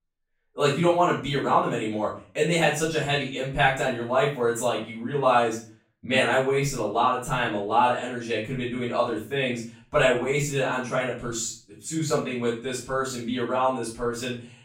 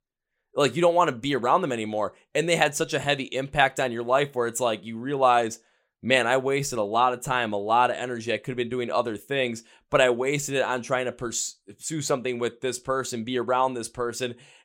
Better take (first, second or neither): second